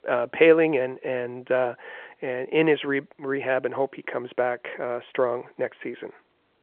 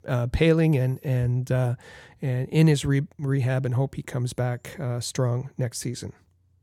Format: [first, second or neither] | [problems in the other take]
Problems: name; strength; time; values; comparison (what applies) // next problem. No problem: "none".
second | phone-call audio